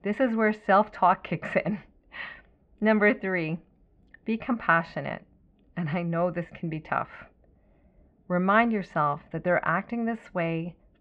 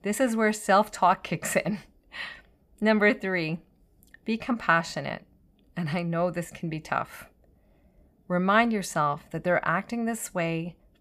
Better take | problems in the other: second | muffled; very; fading above 2.5 kHz

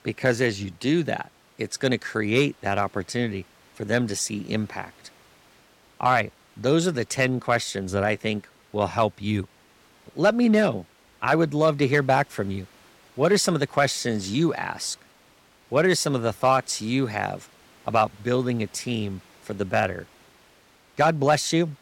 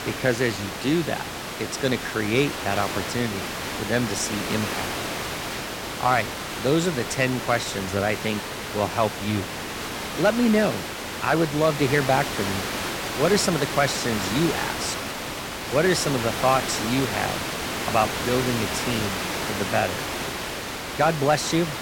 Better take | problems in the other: first | hiss; loud; throughout; 4 dB below the speech; faint in the first

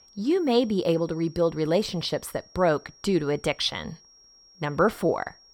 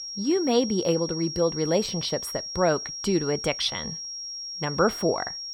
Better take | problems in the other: first | high-pitched whine; loud; throughout; 5.5 kHz, 7 dB below the speech; faint in the first

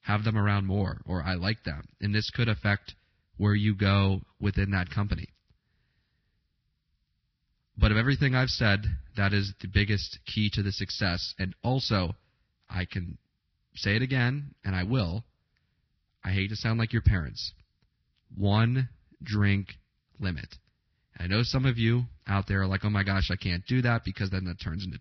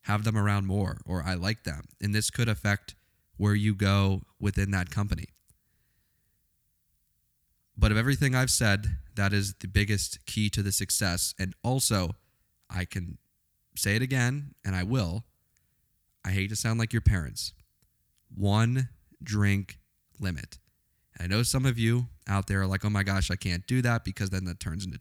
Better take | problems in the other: second | garbled, watery; badly; nothing above 5.5 kHz

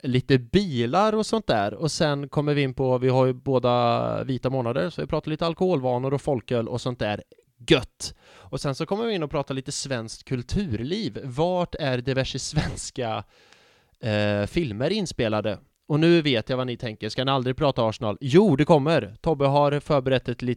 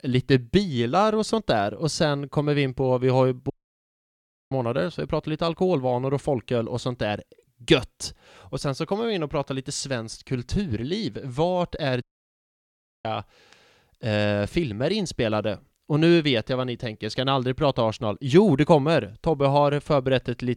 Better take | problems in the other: first | audio cutting out; at 3.5 s for 1 s and at 12 s for 1 s

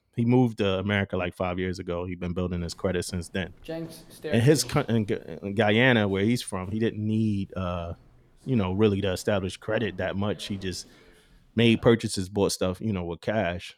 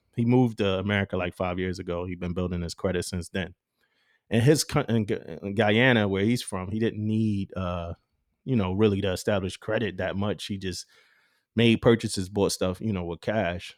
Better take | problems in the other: second | footsteps; noticeable; from 2.5 to 12 s; peak 9 dB below the speech

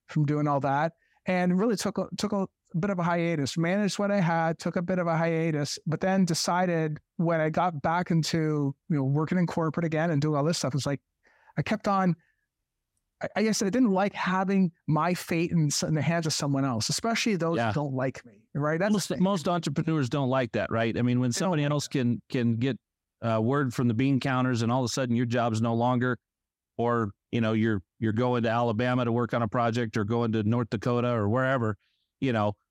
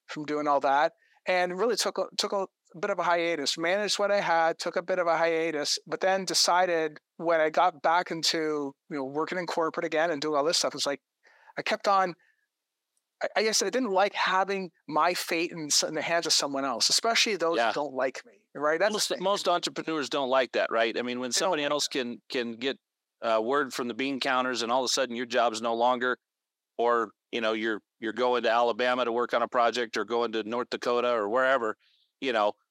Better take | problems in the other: first | thin; very; fading below 400 Hz

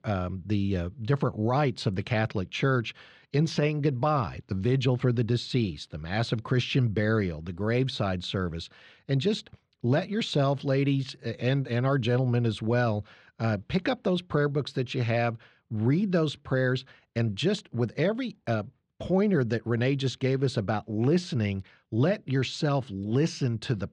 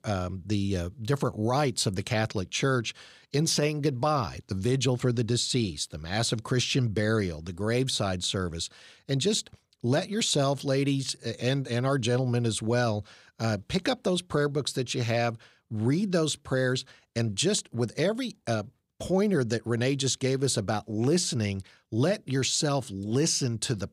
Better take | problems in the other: second | muffled; slightly; fading above 2.5 kHz

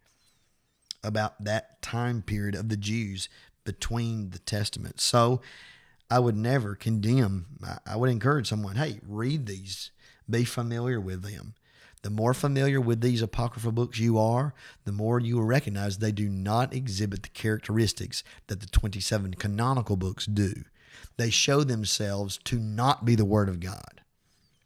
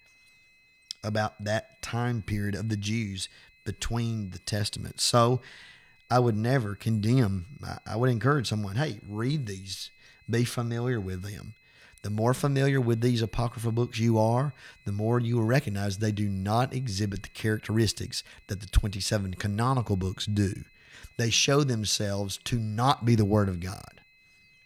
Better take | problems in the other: first | high-pitched whine; faint; throughout; 2.5 kHz, 30 dB below the speech

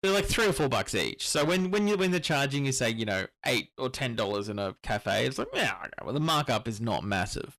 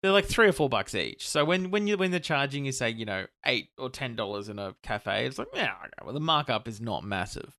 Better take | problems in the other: second | distortion; heavy; 12% of the sound clipped

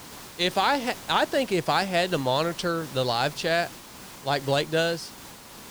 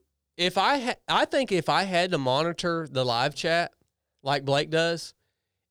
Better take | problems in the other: second | hiss; noticeable; throughout; 15 dB below the speech

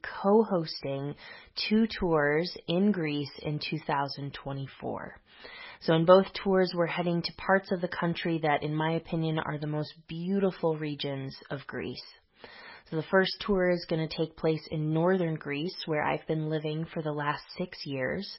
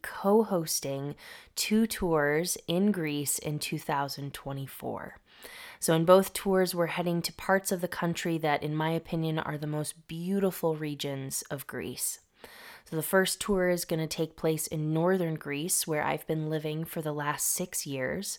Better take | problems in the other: second | garbled, watery; badly; nothing above 5.5 kHz

